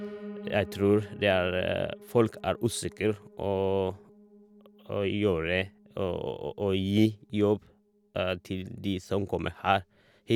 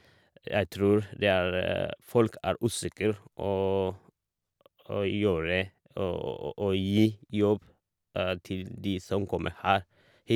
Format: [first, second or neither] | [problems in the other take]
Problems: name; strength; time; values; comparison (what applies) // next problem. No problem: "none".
second | background sound (Piano); 19 dB below the speech